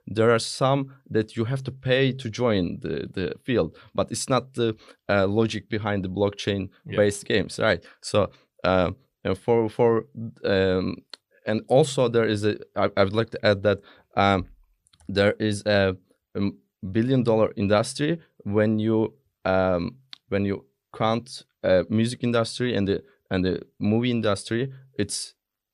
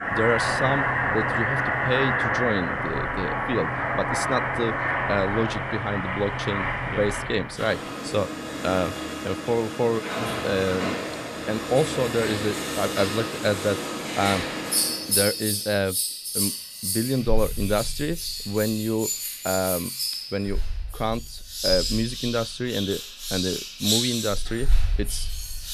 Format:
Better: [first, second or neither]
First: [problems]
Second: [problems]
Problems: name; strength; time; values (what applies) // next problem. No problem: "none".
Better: first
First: none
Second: household noises; very loud; throughout; 1 dB above the speech